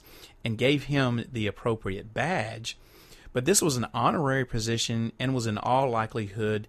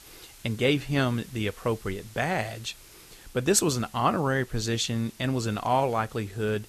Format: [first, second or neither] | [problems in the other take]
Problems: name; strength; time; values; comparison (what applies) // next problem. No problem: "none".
first | hiss; faint; throughout; 25 dB below the speech